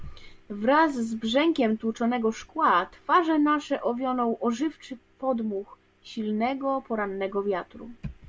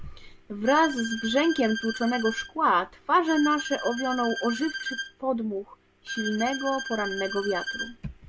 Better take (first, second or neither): first